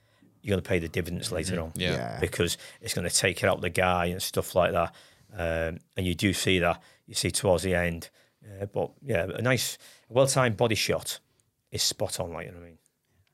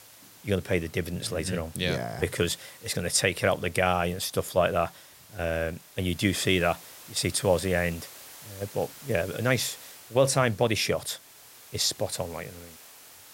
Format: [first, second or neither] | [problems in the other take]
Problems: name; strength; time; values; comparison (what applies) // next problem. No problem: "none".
first | hiss; noticeable; throughout; 20 dB below the speech